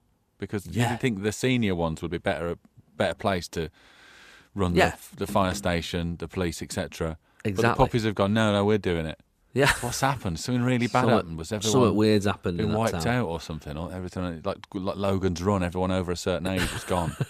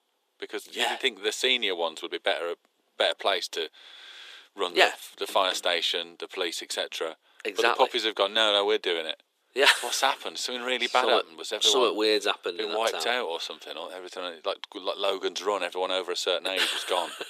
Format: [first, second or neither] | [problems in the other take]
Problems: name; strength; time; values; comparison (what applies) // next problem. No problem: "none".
first | thin; very; fading below 350 Hz